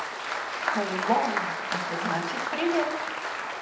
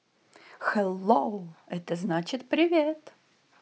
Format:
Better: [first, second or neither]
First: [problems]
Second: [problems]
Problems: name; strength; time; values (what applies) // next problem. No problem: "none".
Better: second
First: background sound (Applause); as loud as the speech // room echo; dies away in 0.8 s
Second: none